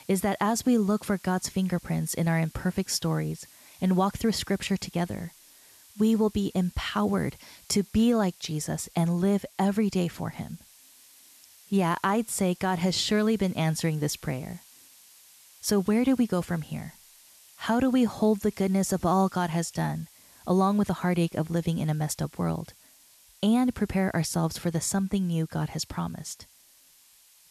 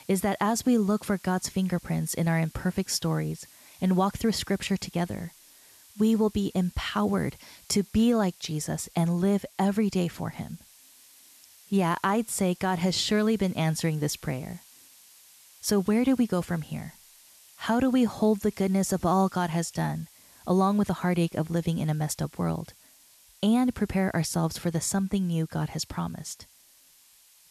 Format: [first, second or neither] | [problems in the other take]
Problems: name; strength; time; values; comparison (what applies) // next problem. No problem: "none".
neither | hiss; faint; throughout; 25 dB below the speech; the same in both